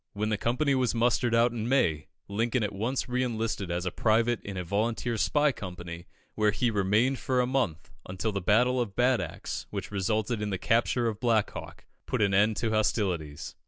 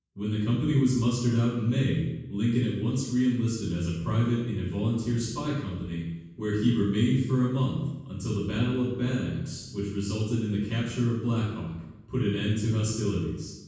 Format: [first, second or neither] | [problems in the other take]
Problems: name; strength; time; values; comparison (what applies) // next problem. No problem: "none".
first | room echo; dies away in 1.2 s